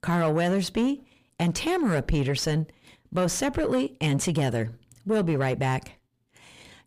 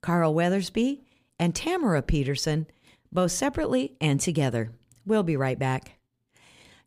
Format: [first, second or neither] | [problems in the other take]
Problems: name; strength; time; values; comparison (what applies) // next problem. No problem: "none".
second | distortion; slight; 9 dB below the speech